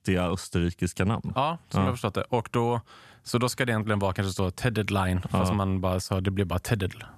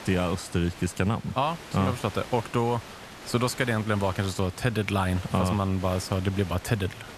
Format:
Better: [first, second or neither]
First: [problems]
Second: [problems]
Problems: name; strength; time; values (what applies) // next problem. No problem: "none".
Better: first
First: none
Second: hiss; noticeable; throughout; 15 dB below the speech